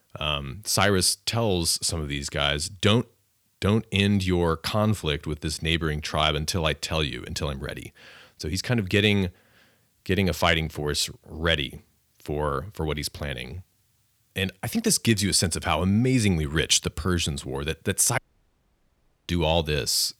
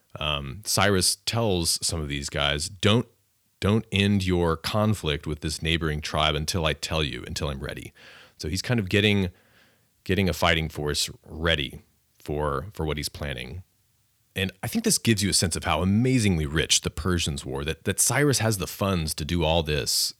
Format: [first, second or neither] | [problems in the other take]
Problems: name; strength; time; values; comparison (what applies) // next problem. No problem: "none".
second | audio cutting out; at 18 s for 1 s